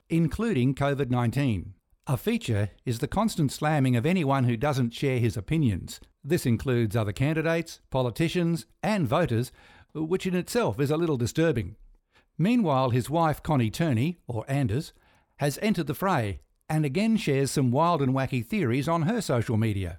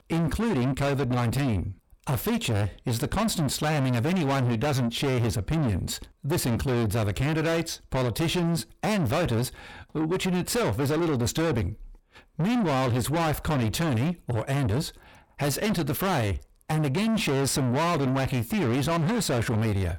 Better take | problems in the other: first | distortion; heavy; 6 dB below the speech

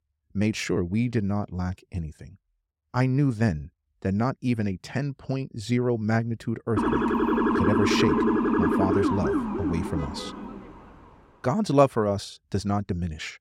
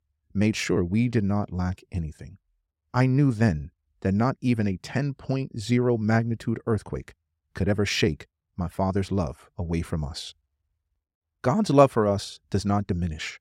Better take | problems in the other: second | siren; loud; from 7 to 11 s; peak 5 dB above the speech

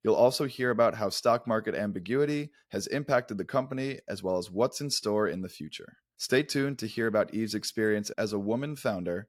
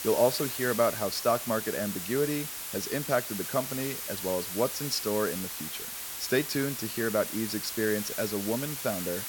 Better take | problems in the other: first | hiss; loud; throughout; 4 dB below the speech

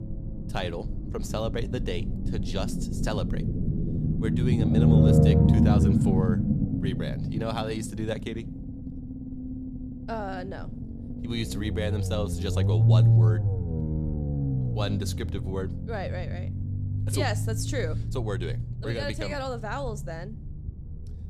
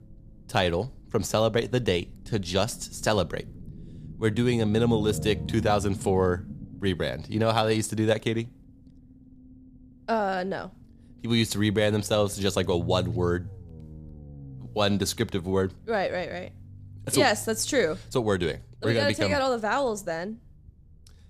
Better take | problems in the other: second | low rumble; loud; throughout; 1 dB below the speech; faint in the second

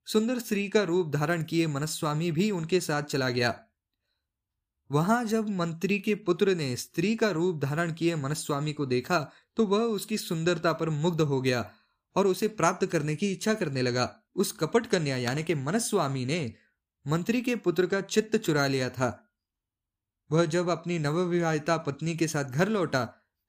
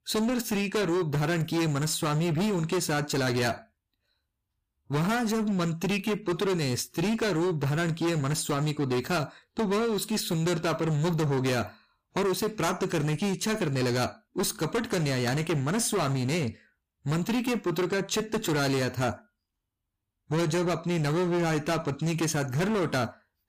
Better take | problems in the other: first | distortion; heavy; 24% of the sound clipped

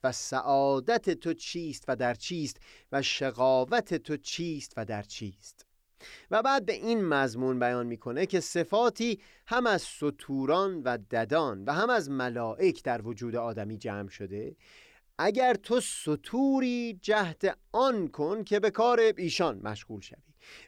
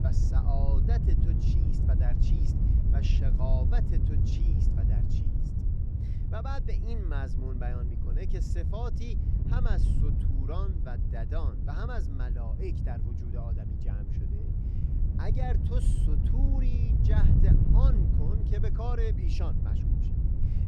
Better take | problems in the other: first | wind noise on the microphone; heavy; 1 dB below the speech

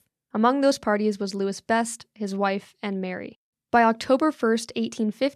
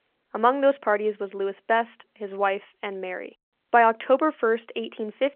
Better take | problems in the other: first | phone-call audio

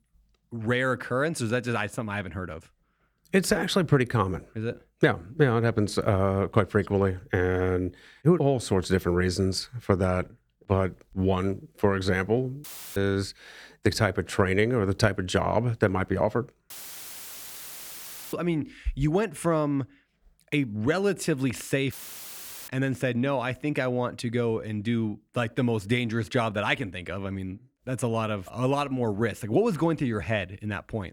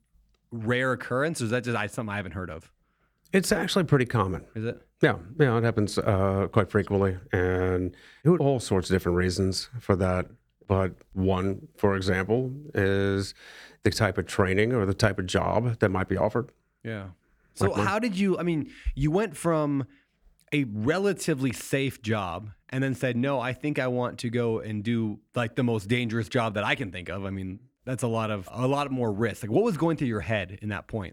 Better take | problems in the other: second | audio cutting out; filled with static; at 13 s, at 17 s for 1.5 s and at 22 s for 1 s

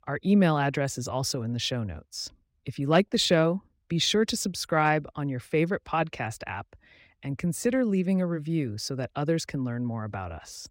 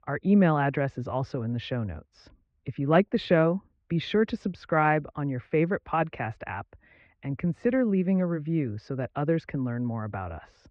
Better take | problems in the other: first | muffled; very; fading above 2.5 kHz

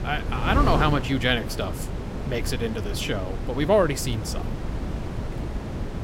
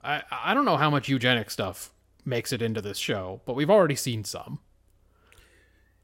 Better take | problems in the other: second | wind noise on the microphone; occasional gusts; 10 dB below the speech

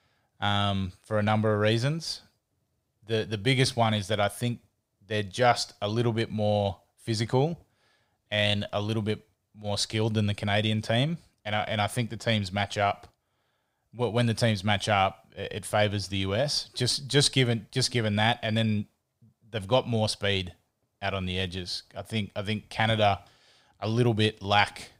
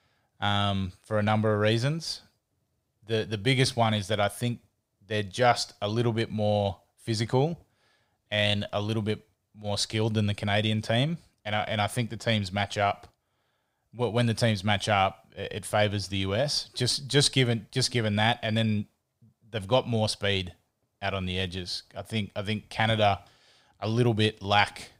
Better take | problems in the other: neither | none

